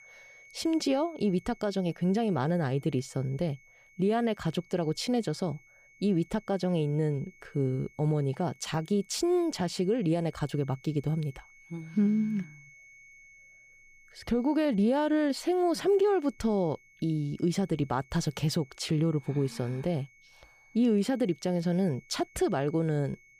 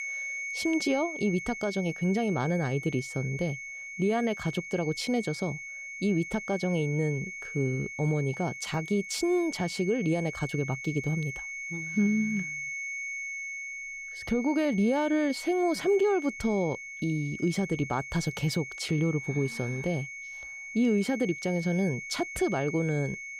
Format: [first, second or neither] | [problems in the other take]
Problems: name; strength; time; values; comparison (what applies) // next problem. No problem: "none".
first | high-pitched whine; loud; throughout; 2 kHz, 8 dB below the speech; faint in the first